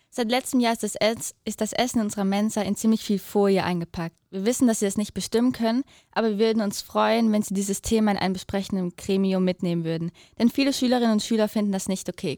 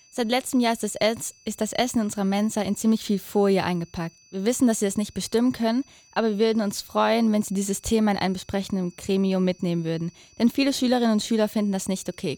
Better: first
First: none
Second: high-pitched whine; faint; throughout; 6 kHz, 30 dB below the speech

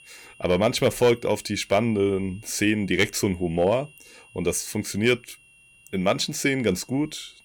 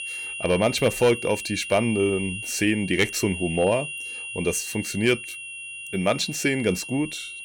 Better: first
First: high-pitched whine; faint; throughout; 3 kHz, 25 dB below the speech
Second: high-pitched whine; loud; throughout; 3 kHz, 8 dB below the speech

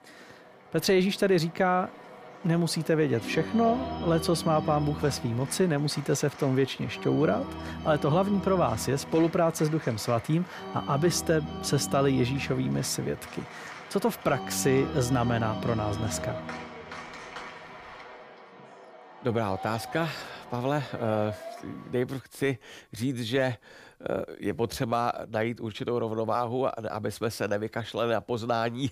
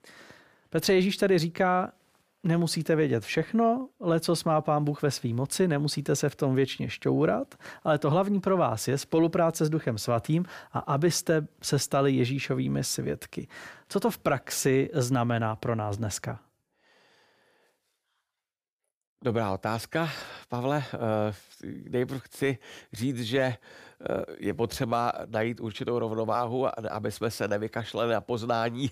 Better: second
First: background music; noticeable; throughout; 10 dB below the speech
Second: none

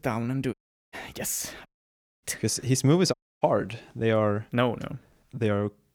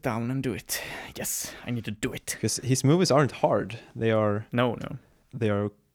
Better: second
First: audio cutting out; at 0.5 s, at 1.5 s for 0.5 s and at 3 s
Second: none

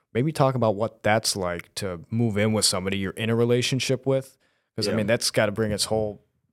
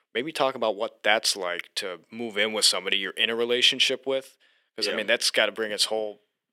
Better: first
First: none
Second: thin; somewhat; fading below 300 Hz

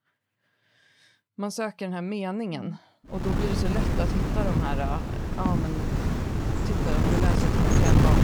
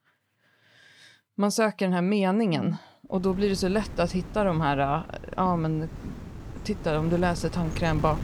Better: second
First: wind noise on the microphone; heavy; from 3.5 s on; 2 dB above the speech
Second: wind noise on the microphone; occasional gusts; from 3.5 s on; 15 dB below the speech

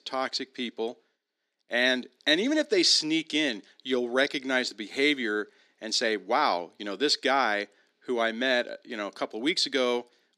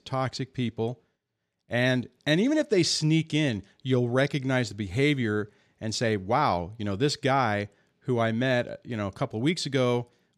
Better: second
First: thin; somewhat; fading below 250 Hz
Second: none

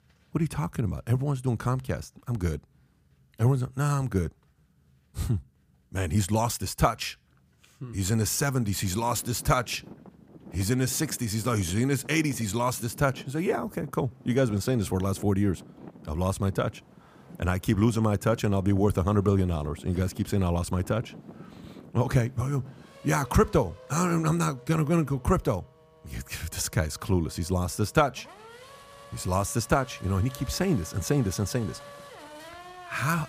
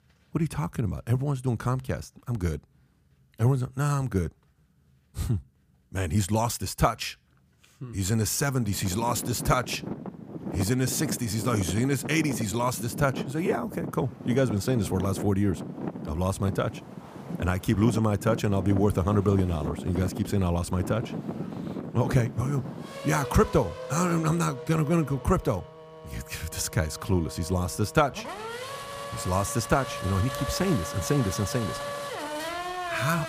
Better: first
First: traffic noise; faint; from 9 s on; 20 dB below the speech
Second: traffic noise; loud; from 9 s on; 9 dB below the speech

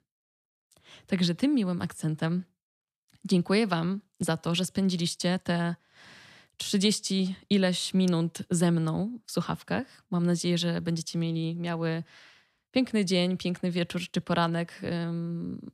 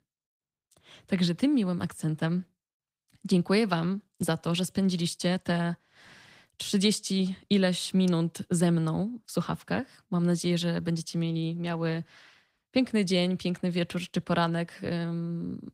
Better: first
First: none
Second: garbled, watery; slightly; nothing above 15.5 kHz

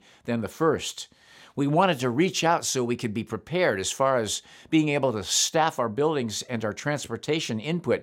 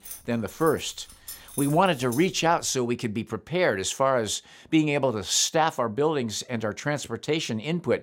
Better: first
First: none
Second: jangling keys; noticeable; until 2 s; peak 9 dB below the speech

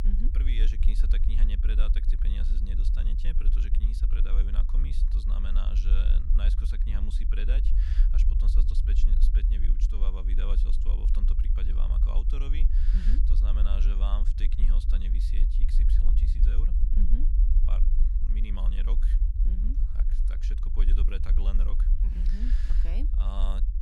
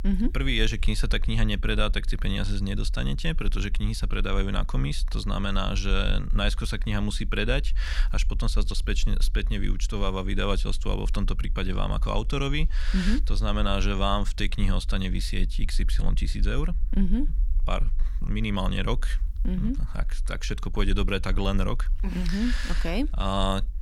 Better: second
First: low rumble; loud; throughout; 4 dB below the speech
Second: low rumble; faint; throughout; 25 dB below the speech

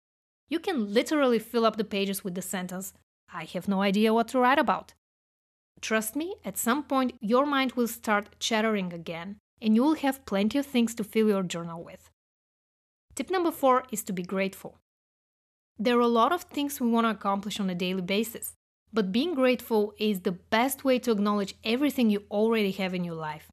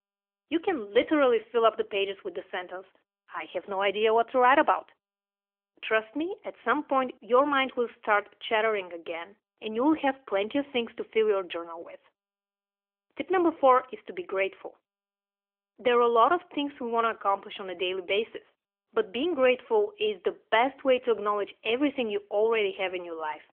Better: first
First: none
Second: phone-call audio; nothing above 3.5 kHz

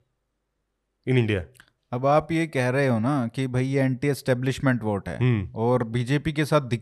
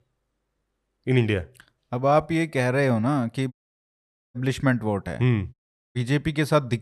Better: first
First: none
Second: audio cutting out; at 3.5 s for 1 s and at 5.5 s

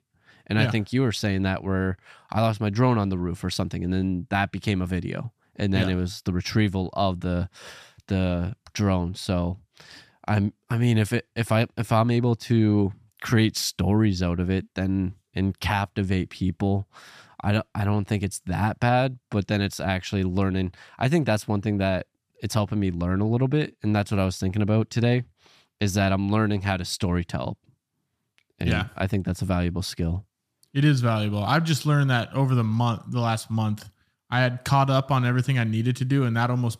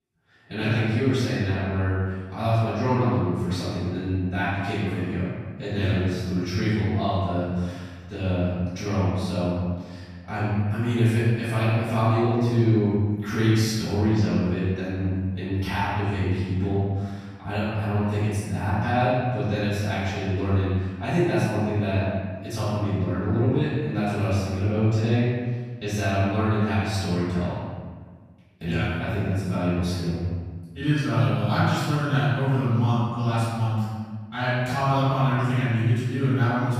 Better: first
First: none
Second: off-mic speech; far // room echo; strong; dies away in 1.4 s

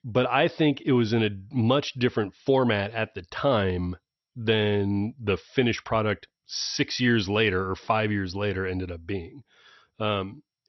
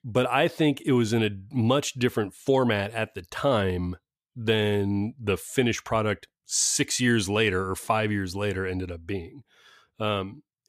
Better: second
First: garbled, watery; slightly; nothing above 6 kHz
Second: none

